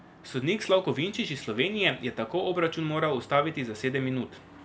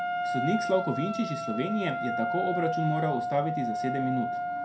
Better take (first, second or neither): first